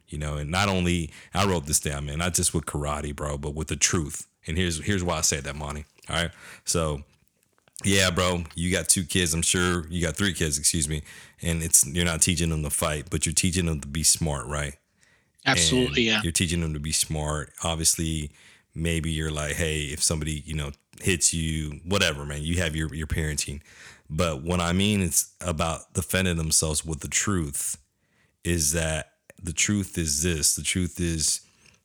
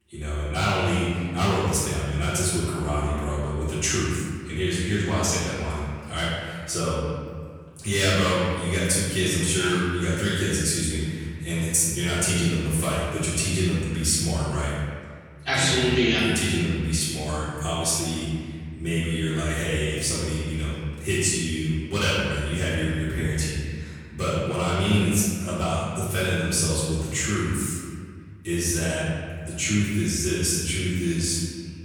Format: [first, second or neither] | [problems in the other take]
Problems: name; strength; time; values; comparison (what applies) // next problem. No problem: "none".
first | off-mic speech; far // room echo; strong; dies away in 1.8 s